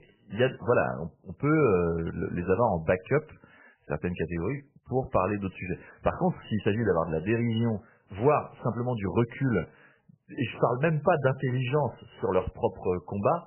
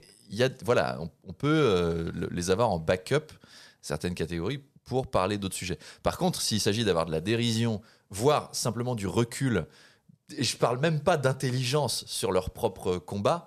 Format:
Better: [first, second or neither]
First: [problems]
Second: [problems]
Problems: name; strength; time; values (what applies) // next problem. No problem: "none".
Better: second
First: garbled, watery; badly; nothing above 3 kHz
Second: none